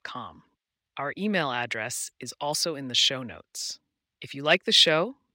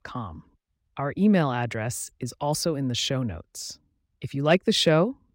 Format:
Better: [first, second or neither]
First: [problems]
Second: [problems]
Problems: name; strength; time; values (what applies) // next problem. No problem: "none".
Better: second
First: thin; somewhat; fading below 500 Hz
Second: none